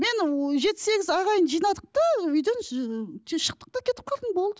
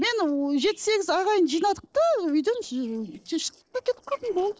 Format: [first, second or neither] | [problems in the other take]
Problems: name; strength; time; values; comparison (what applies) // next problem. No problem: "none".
first | noise reduction (neural separator model SepFormer DNS4)